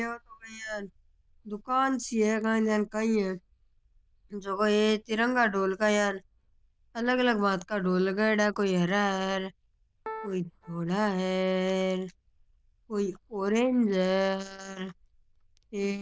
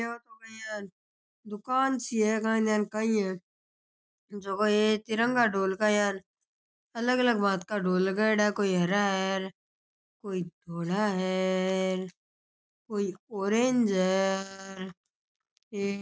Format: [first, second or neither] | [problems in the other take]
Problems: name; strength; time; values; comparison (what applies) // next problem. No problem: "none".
second | noise reduction (neural diffusion model UNIVERSE++)